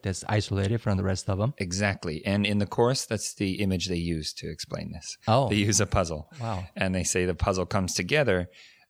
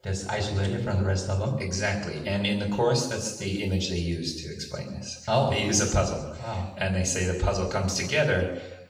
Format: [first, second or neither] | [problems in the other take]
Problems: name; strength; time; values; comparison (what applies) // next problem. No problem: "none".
first | room echo; noticeable; dies away in 0.9 s // off-mic speech; far